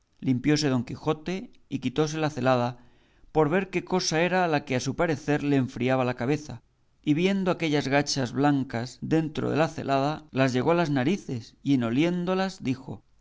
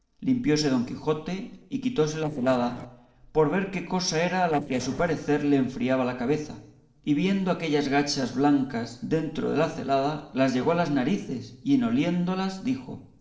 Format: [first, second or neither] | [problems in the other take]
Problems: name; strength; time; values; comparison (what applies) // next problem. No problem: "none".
first | noise reduction (neural separator model SepFormer DNS4)